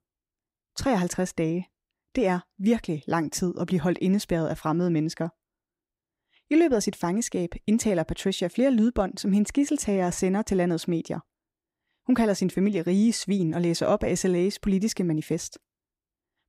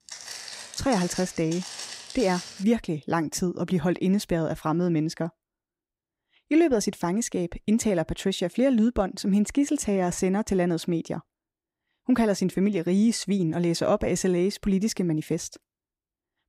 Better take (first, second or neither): first